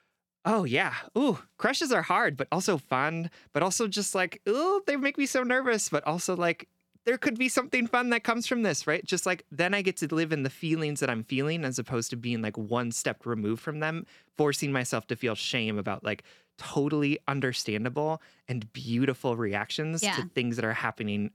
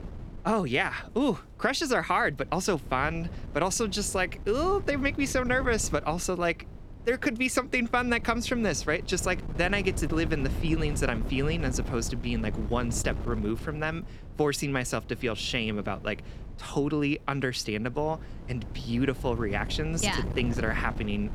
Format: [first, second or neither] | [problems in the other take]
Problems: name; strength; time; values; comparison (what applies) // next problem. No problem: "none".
first | wind noise on the microphone; occasional gusts; 20 dB below the speech